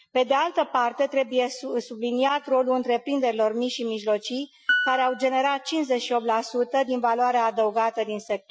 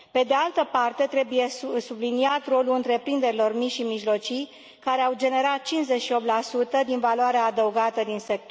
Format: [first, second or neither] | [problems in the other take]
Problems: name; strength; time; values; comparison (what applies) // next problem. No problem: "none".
second | noise reduction (classical method Wiener filter)